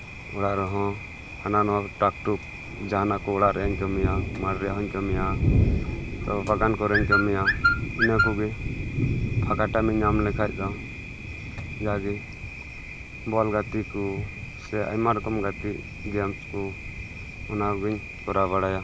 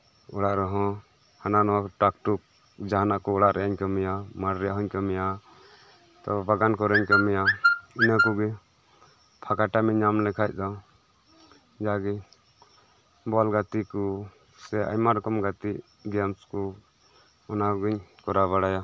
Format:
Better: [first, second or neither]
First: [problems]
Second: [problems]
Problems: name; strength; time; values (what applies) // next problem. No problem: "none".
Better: second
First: background sound (Thunder); 4 dB below the speech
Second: none